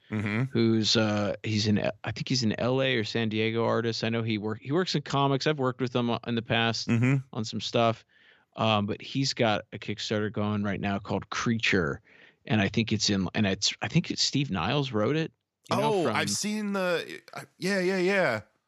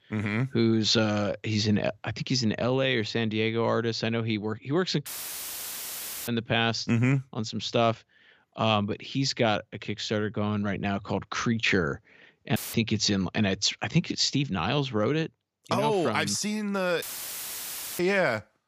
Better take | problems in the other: first | audio cutting out; filled with static; at 5 s for 1 s, at 13 s and at 17 s for 1 s

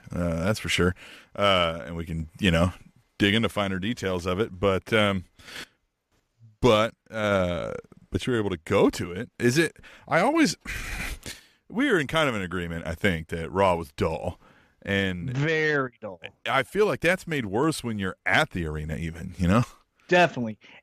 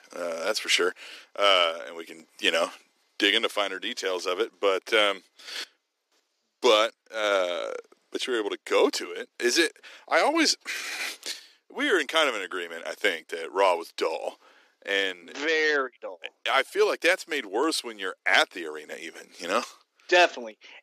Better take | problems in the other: first | thin; very; fading below 300 Hz

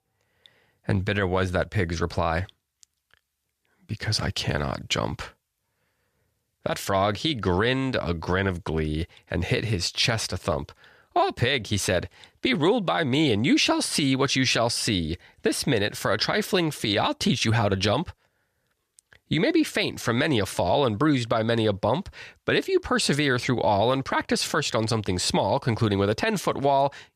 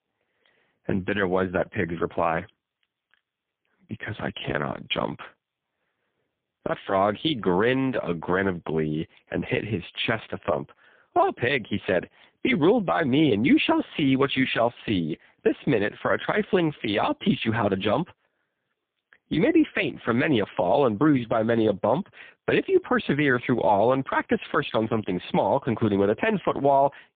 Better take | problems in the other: first | phone-call audio; poor line; nothing above 3.5 kHz

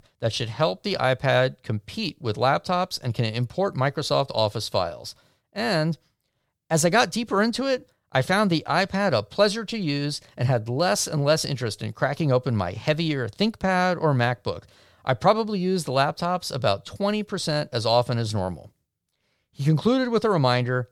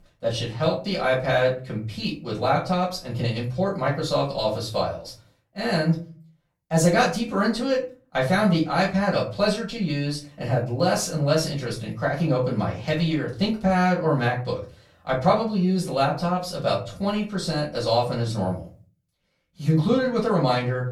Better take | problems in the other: first | off-mic speech; far // room echo; slight; dies away in 0.3 s

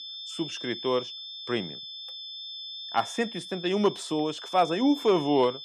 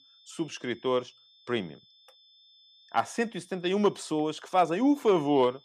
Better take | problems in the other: second | high-pitched whine; loud; throughout; 3.5 kHz, 10 dB below the speech; faint in the second

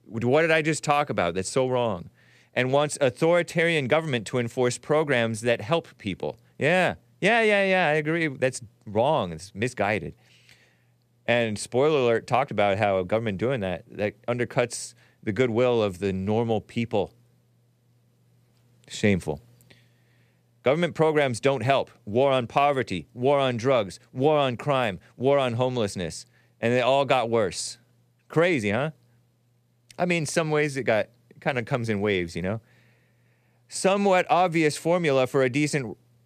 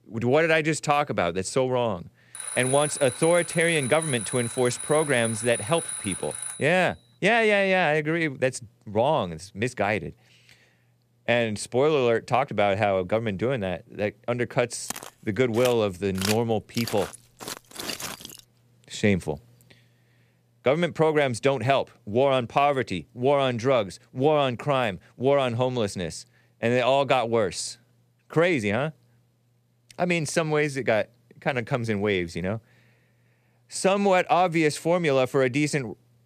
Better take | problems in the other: first | alarm; noticeable; from 2.5 to 6.5 s; peak 5 dB below the speech // footsteps; noticeable; from 15 to 18 s; peak 5 dB below the speech

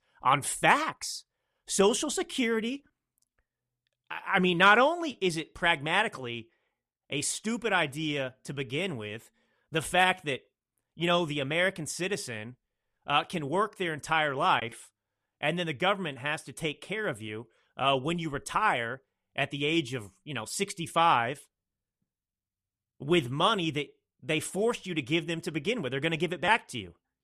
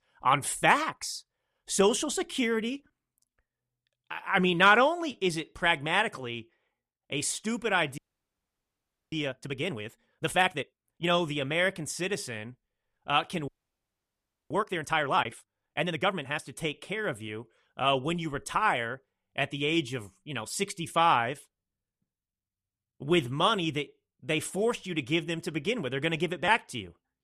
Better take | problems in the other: first | audio freezing; at 8 s for 1 s and at 13 s for 1 s

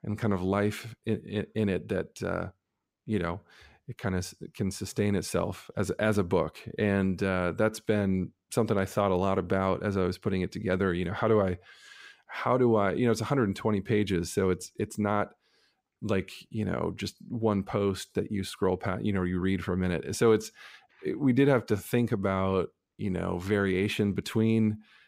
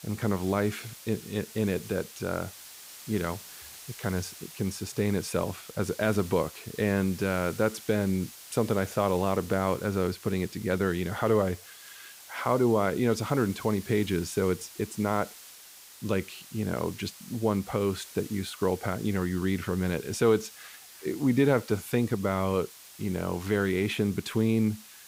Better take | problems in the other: first | hiss; noticeable; throughout; 15 dB below the speech

